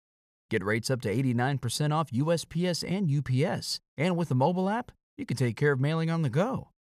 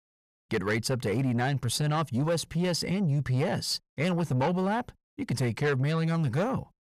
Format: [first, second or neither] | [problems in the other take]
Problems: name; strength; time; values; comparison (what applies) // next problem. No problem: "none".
first | distortion; slight; 10 dB below the speech